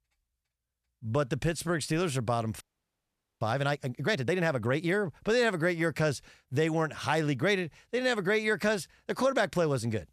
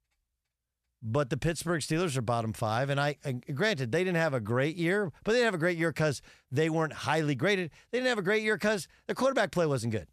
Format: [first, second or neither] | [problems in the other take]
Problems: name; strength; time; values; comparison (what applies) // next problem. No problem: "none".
second | audio freezing; at 2.5 s for 1 s